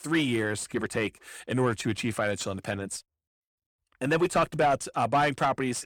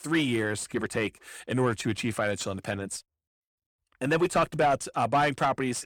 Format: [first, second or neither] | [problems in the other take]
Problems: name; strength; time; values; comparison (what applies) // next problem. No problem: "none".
neither | distortion; slight; 10 dB below the speech; the same in both